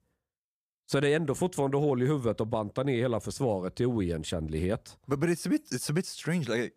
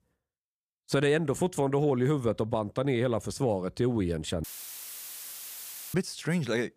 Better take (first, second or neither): first